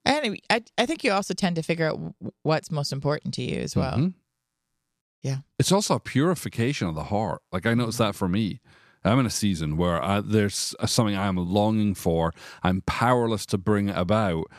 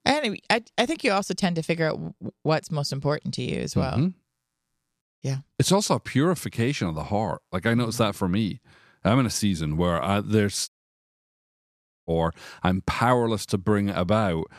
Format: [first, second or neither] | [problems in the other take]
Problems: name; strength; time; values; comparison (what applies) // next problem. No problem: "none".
first | audio cutting out; at 11 s for 1.5 s